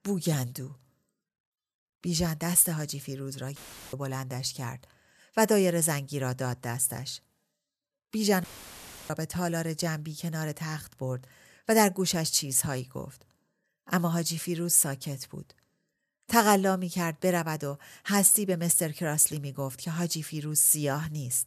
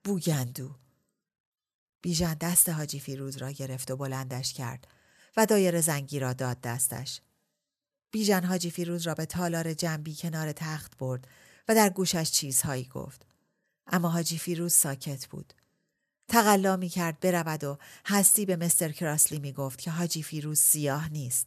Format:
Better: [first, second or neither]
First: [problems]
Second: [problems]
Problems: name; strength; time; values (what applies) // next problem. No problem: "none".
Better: second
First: audio cutting out; filled with static; at 3.5 s and at 8.5 s for 0.5 s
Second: none